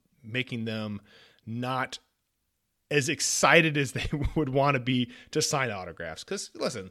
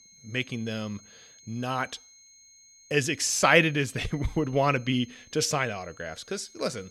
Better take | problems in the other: first | high-pitched whine; faint; throughout; 6.5 kHz, 25 dB below the speech

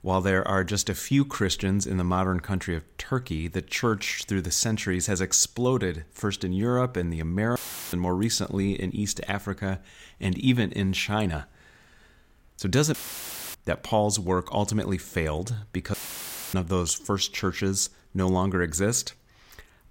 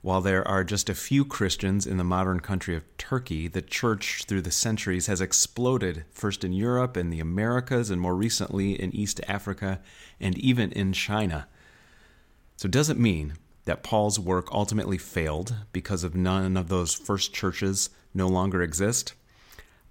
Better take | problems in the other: second | audio cutting out; filled with static; at 7.5 s, at 13 s for 0.5 s and at 16 s for 0.5 s

